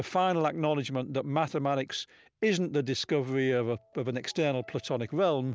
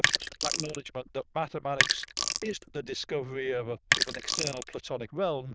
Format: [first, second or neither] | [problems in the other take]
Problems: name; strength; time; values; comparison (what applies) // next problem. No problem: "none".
first | noise reduction (neural diffusion model UNIVERSE++)